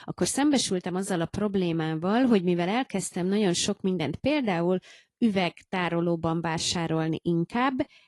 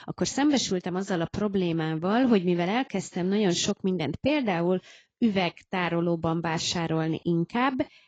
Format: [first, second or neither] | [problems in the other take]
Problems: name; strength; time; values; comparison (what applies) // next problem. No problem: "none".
first | garbled, watery; badly; nothing above 7.5 kHz; slightly in the first